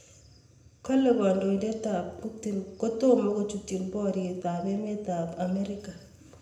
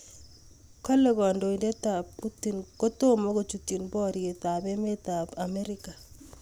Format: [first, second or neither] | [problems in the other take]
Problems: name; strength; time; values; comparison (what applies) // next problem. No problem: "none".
second | room echo; dies away in 0.8 s